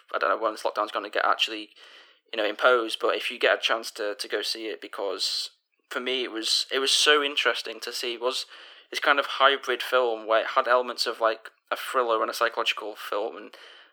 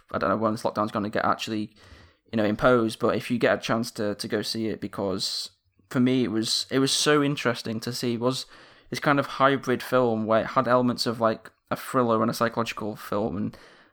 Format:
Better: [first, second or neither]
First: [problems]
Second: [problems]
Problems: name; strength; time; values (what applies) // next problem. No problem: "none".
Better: second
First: thin; very; fading below 350 Hz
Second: none